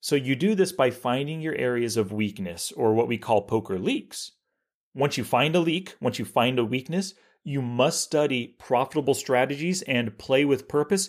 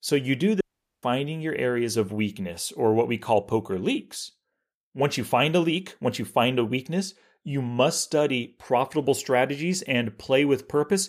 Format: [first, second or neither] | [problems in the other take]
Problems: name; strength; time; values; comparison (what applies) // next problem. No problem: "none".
first | audio cutting out; at 0.5 s